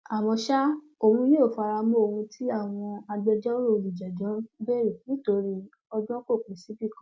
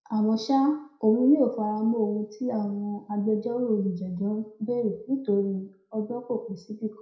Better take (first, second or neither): first